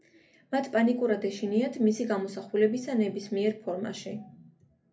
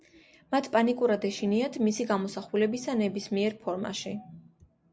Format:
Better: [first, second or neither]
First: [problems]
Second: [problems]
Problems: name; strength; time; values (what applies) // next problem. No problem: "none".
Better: second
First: room echo; dies away in 0.3 s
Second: none